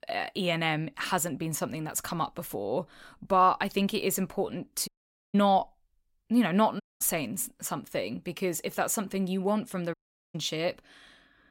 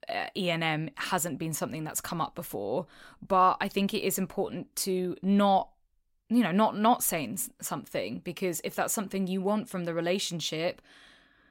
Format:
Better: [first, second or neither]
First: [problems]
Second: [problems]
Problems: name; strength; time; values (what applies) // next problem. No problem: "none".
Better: second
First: audio cutting out; at 5 s, at 7 s and at 10 s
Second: none